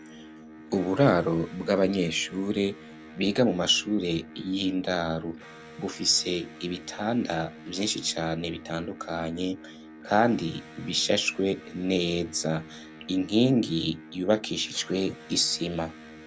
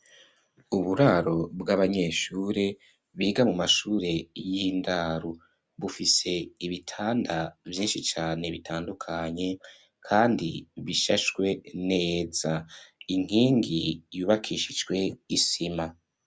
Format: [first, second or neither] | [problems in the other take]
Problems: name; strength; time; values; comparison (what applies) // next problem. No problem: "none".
second | background sound (Electric guitar); 18 dB below the speech